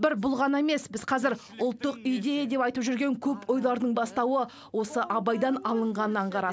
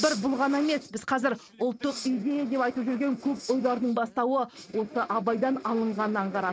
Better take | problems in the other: first | noise reduction (neural mask model RNNoise)

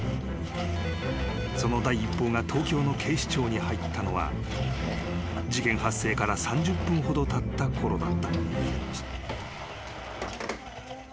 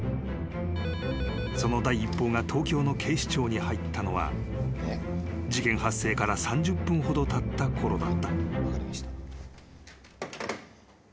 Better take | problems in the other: second | background sound (Drawer open or close + Domestic sounds, home sounds); 12 dB below the speech

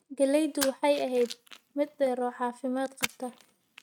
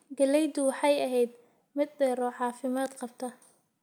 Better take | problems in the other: second | noise reduction (neural mask model RNNoise)

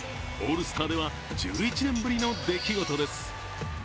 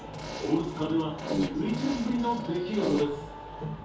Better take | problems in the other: first | background sound (Fart); 5 dB below the speech // room echo; dies away in 0.6 s

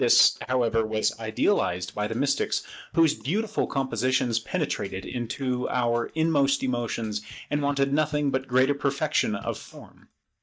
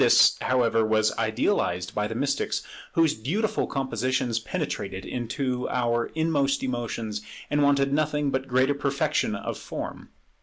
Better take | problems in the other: second | noise reduction (neural mask model DeepFilterNet 3)

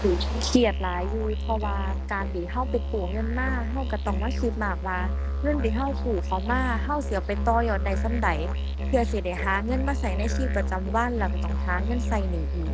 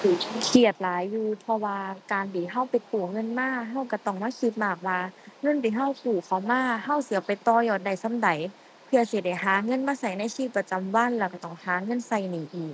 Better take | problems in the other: second | background sound (Musical instrument); 1 dB above the speech

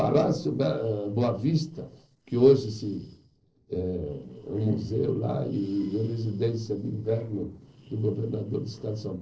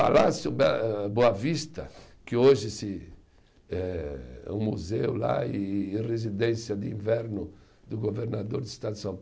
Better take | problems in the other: second | noise reduction (neural separator model SepFormer DNS4)

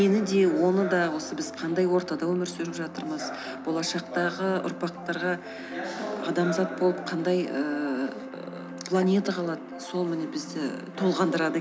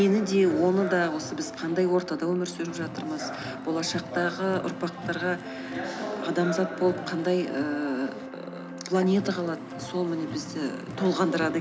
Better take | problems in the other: first | background sound (Bowed string instrument + Car); 17 dB below the speech

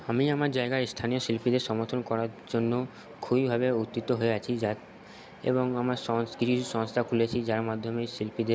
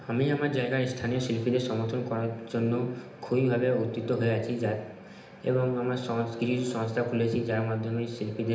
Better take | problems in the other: first | room echo; dies away in 0.8 s

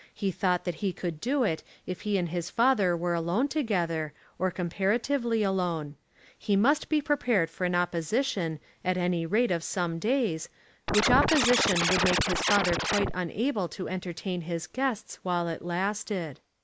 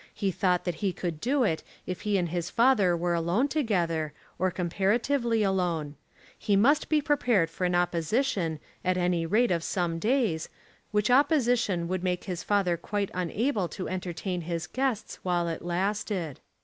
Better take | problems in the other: second | background sound (Scratching (performance technique)); 1 dB above the speech

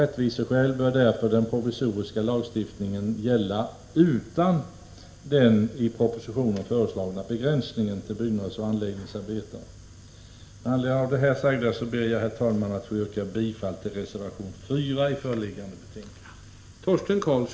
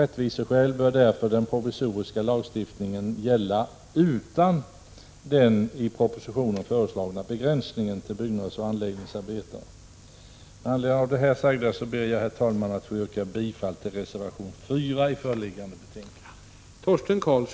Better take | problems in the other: second | room echo; dies away in 2 s

